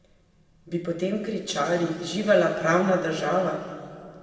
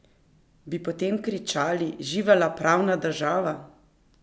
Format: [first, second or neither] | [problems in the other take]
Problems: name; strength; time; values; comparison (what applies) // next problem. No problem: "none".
second | room echo; dies away in 2 s